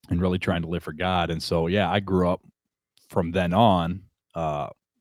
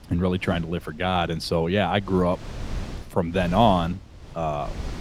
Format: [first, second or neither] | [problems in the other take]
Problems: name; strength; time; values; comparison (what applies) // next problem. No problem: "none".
first | wind noise on the microphone; occasional gusts; 20 dB below the speech